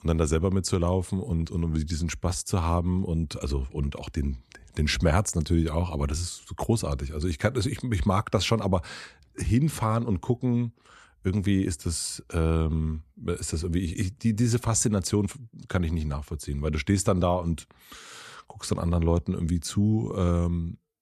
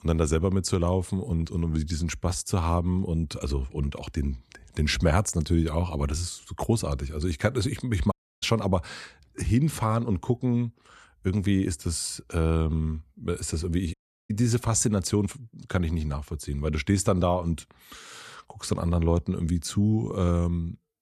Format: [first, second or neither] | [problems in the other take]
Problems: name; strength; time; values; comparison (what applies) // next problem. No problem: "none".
first | audio cutting out; at 8 s and at 14 s